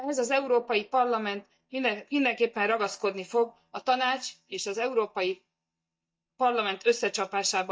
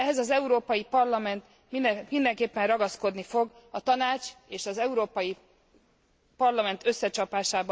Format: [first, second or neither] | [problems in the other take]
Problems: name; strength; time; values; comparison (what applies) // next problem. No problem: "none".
second | noise reduction (neural mask model DeepFilterNet 3)